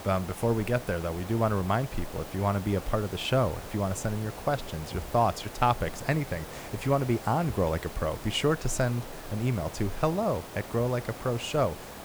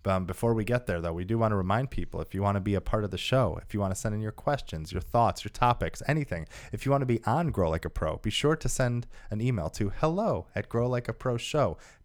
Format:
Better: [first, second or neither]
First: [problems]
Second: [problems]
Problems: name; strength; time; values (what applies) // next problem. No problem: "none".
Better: second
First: hiss; noticeable; throughout; 10 dB below the speech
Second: none